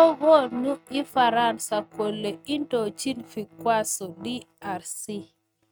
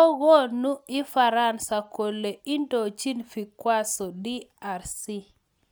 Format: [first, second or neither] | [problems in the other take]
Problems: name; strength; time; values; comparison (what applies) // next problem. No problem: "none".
second | noise reduction (neural mask model RNNoise)